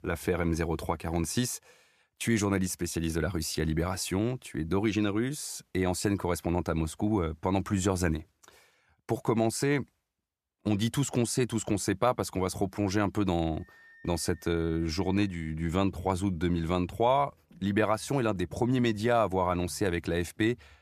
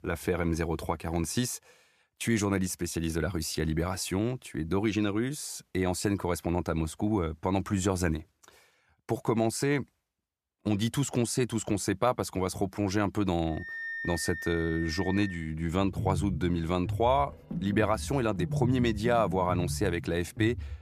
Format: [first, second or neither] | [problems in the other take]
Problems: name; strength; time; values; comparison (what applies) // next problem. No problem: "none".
first | background music; loud; from 14 s on; 7 dB below the speech; faint in the first